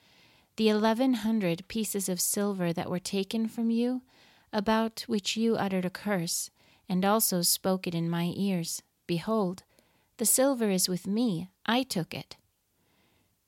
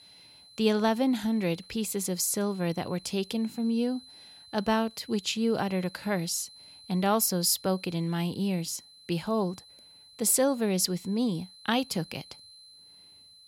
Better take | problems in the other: first | high-pitched whine; faint; throughout; 4 kHz, 20 dB below the speech

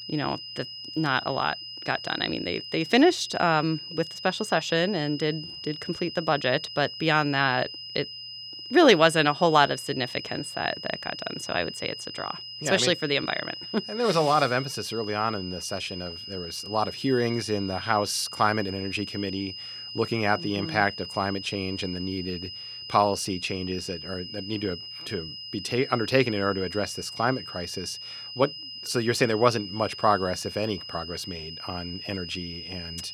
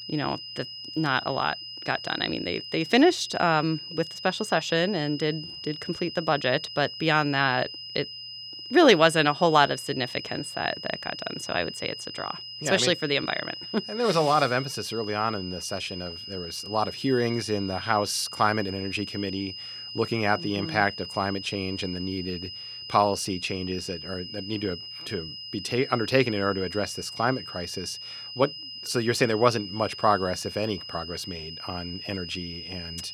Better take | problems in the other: neither | high-pitched whine; loud; throughout; 5 kHz, 10 dB below the speech; the same in both

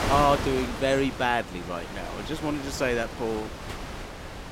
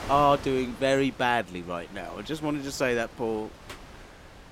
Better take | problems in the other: second | wind noise on the microphone; heavy; 9 dB below the speech; occasional gusts in the second

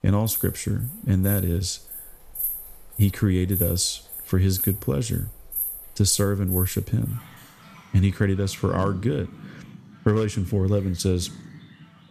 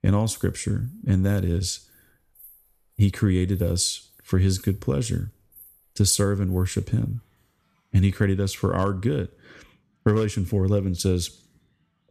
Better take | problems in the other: second | animal sounds; loud; throughout; 8 dB below the speech; faint in the second

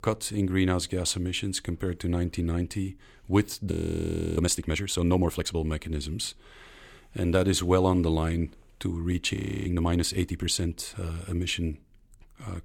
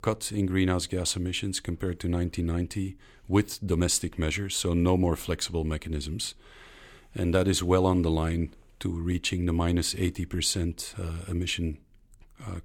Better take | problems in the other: second | audio freezing; at 3.5 s for 0.5 s and at 9.5 s

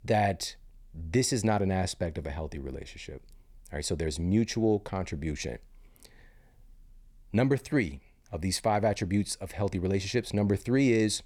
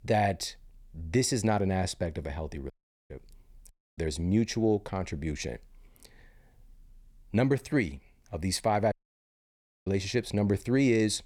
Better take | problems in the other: first | audio cutting out; at 2.5 s, at 3.5 s and at 9 s for 1 s

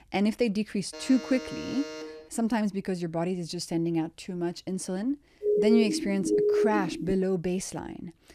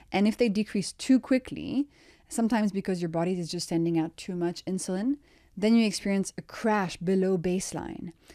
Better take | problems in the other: second | alarm; noticeable; from 1 to 2.5 s; peak 9 dB below the speech // siren; loud; from 5.5 to 7 s; peak 5 dB above the speech

